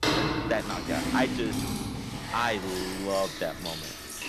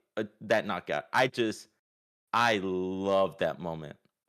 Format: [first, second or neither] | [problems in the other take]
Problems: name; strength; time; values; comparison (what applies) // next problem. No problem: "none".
second | household noises; loud; throughout; as loud as the speech